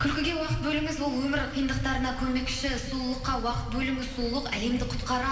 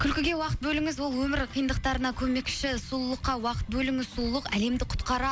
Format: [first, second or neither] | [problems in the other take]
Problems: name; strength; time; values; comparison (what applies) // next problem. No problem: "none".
second | background sound (Bird); 13 dB below the speech // room echo; dies away in 2.3 s